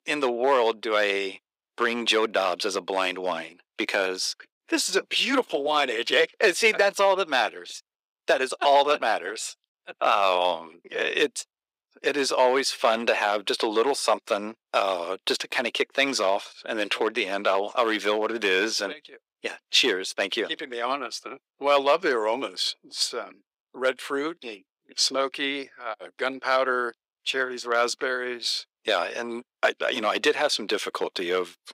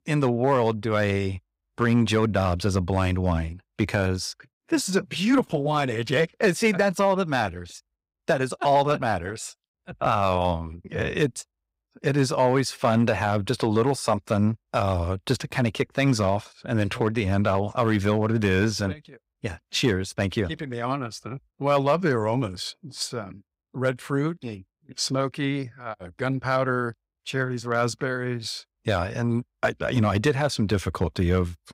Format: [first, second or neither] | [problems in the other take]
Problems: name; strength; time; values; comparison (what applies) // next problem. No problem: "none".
second | thin; very; fading below 350 Hz